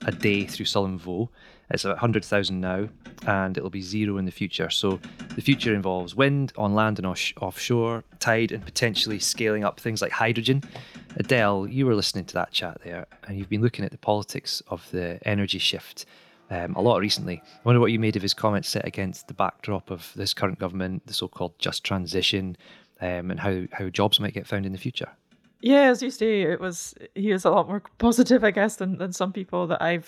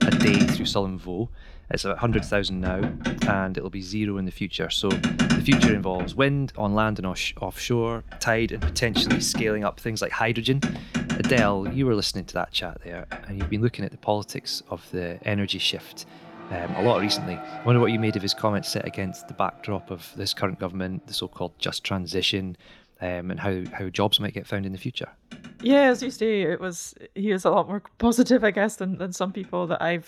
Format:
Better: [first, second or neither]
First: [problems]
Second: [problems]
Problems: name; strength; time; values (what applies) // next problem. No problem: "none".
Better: first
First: traffic noise; faint; throughout; 20 dB below the speech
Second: traffic noise; loud; throughout; 2 dB below the speech